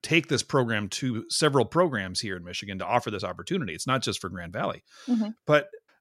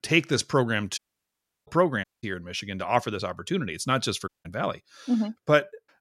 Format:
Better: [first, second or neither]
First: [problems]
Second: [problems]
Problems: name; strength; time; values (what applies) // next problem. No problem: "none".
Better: first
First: none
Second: audio cutting out; at 1 s for 0.5 s, at 2 s and at 4.5 s